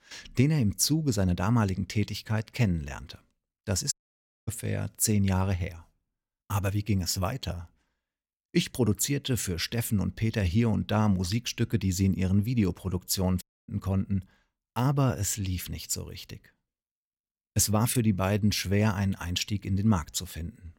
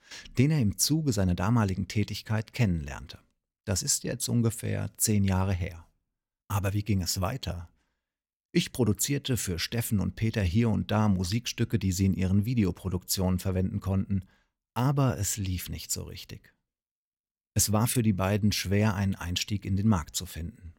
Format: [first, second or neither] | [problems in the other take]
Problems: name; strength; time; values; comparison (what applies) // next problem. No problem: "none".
second | audio cutting out; at 4 s for 0.5 s and at 13 s